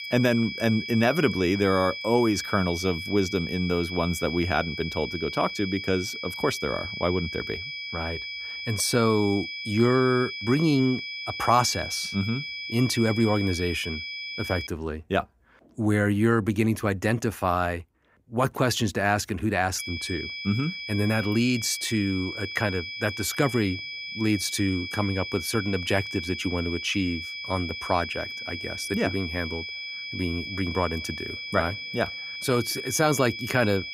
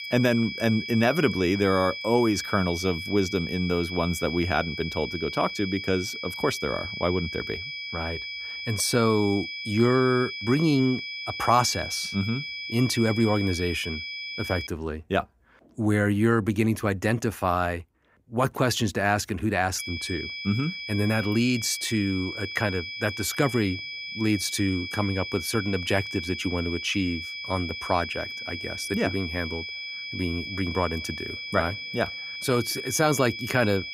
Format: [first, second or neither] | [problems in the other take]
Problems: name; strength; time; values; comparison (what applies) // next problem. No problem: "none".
neither | high-pitched whine; loud; until 15 s and from 20 s on; 2.5 kHz, 7 dB below the speech; the same in both